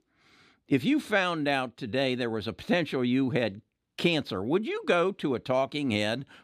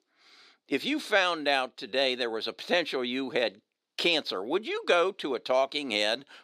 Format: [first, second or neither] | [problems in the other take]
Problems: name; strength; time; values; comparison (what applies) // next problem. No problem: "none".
first | thin; somewhat; fading below 450 Hz